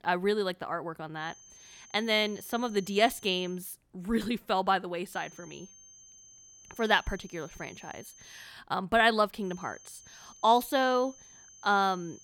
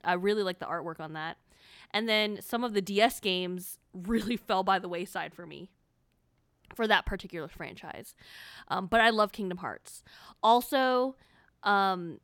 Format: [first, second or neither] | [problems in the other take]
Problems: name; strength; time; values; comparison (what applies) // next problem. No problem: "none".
second | high-pitched whine; faint; from 1.5 to 3.5 s, from 5 to 8.5 s and from 9.5 s on; 6.5 kHz, 20 dB below the speech